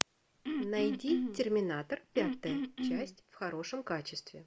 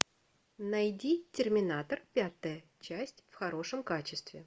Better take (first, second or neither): second